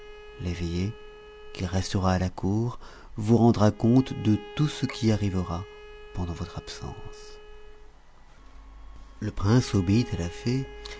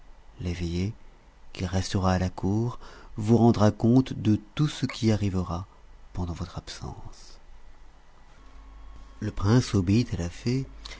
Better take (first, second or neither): second